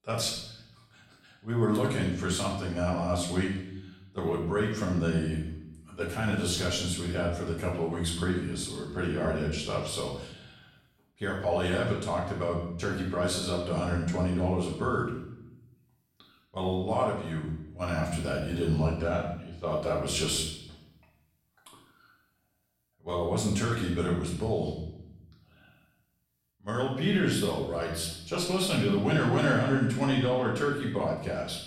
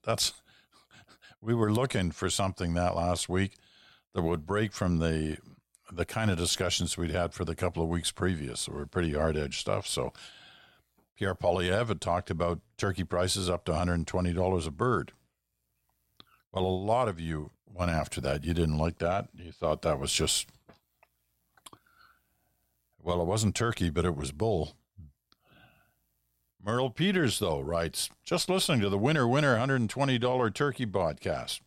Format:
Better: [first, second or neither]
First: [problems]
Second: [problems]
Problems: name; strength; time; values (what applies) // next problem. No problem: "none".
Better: second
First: room echo; noticeable; dies away in 0.7 s // off-mic speech; far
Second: none